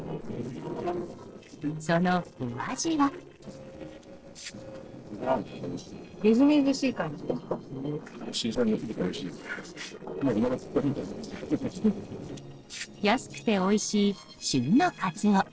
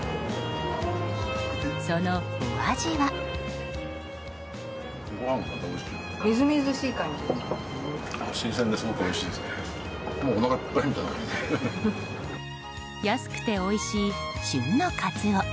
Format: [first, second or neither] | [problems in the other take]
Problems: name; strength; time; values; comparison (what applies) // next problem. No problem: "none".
second | noise reduction (neural separator model SepFormer DNS4)